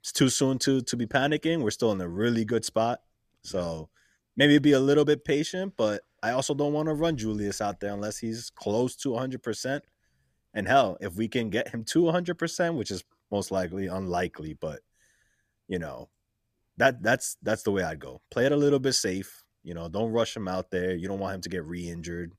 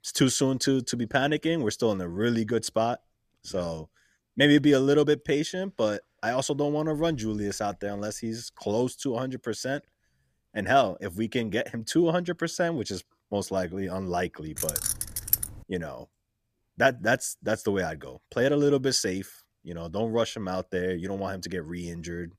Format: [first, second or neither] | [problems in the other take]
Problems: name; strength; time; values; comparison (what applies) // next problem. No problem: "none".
first | jangling keys; loud; at 15 s; peak 2 dB above the speech